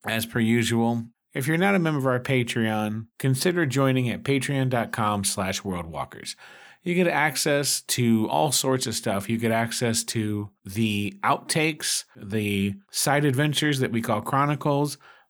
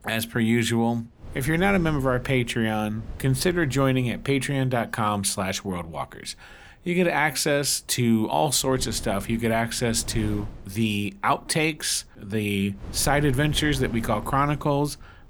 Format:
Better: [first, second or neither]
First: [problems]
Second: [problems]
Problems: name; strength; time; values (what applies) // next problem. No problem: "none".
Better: first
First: none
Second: wind noise on the microphone; occasional gusts; 20 dB below the speech